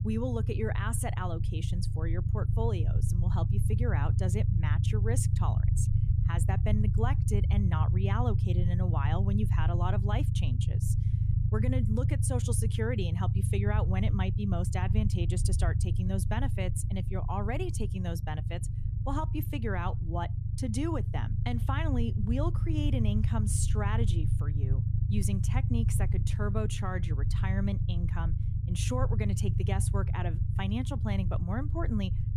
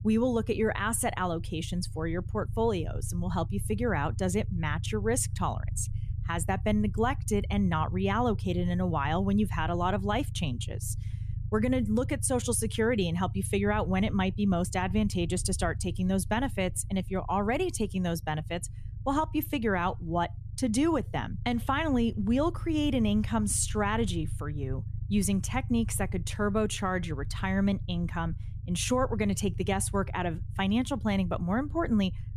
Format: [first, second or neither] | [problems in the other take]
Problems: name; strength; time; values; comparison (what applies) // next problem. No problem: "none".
second | low rumble; loud; throughout; 6 dB below the speech; faint in the second